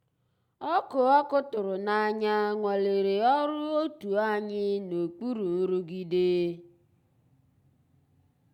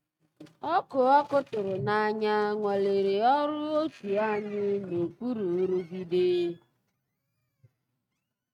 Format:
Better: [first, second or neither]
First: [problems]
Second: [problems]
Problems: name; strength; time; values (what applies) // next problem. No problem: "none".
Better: first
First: none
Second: noise reduction (neural mask model RNNoise)